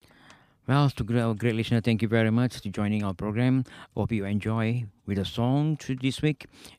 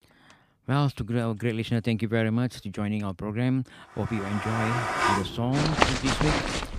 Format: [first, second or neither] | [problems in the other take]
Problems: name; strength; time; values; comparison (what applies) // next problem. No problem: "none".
first | household noises; very loud; from 4.5 s on; 2 dB above the speech